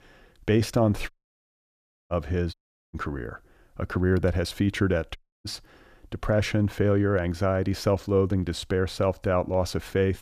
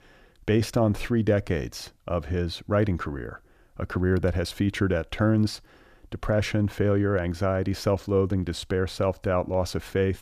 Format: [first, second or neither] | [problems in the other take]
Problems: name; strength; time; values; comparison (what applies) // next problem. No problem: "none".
second | audio cutting out; at 1 s for 1 s, at 2.5 s and at 5 s